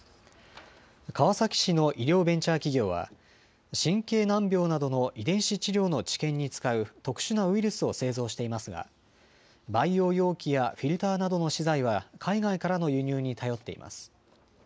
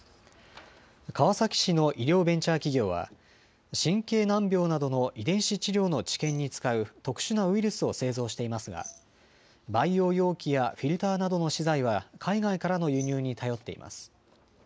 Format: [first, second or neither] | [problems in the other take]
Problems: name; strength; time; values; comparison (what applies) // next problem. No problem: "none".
first | background sound (Glass); 19 dB below the speech